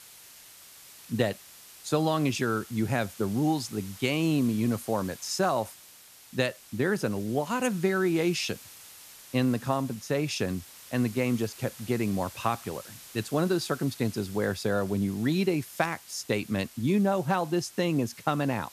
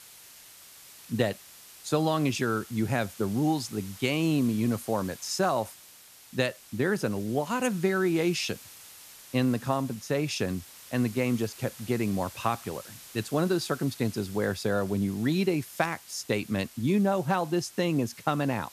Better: neither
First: hiss; noticeable; throughout; 20 dB below the speech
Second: hiss; noticeable; throughout; 20 dB below the speech

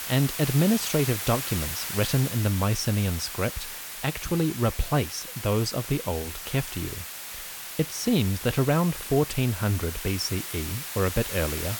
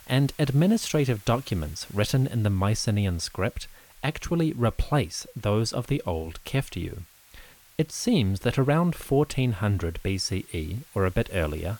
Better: second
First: hiss; loud; throughout; 6 dB below the speech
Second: hiss; faint; throughout; 25 dB below the speech

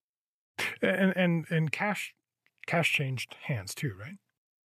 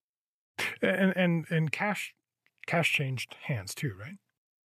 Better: neither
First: none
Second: none

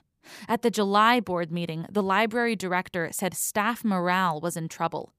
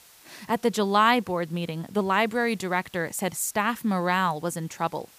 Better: first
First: none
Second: hiss; faint; throughout; 30 dB below the speech

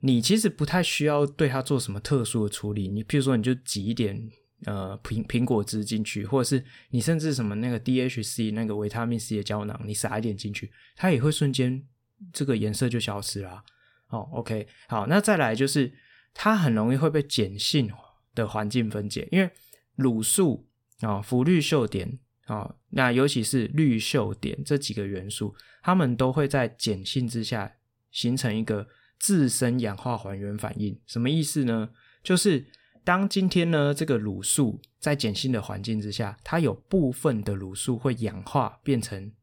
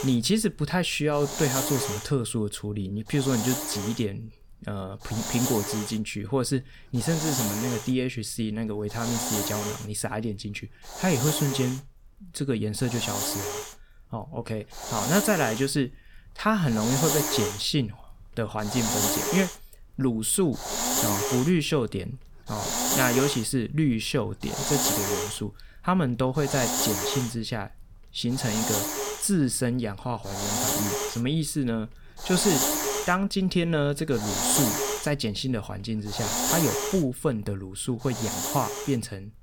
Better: first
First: none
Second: hiss; loud; throughout; as loud as the speech

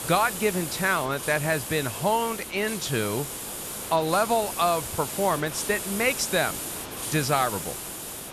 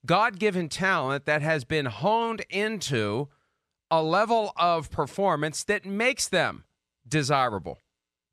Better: second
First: hiss; loud; throughout; 6 dB below the speech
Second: none

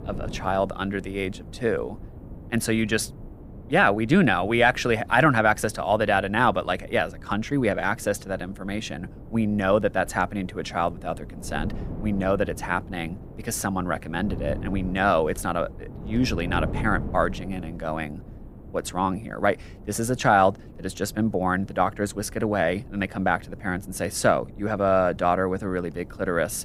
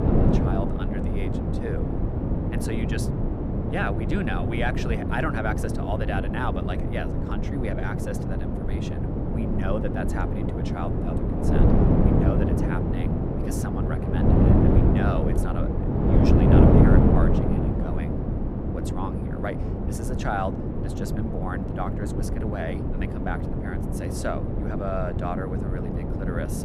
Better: first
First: wind noise on the microphone; occasional gusts; 20 dB below the speech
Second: wind noise on the microphone; heavy; 2 dB above the speech

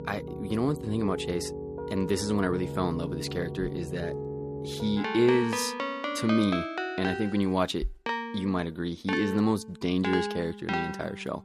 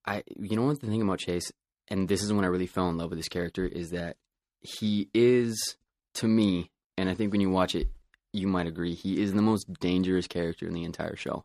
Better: second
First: background music; loud; throughout; 5 dB below the speech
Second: none

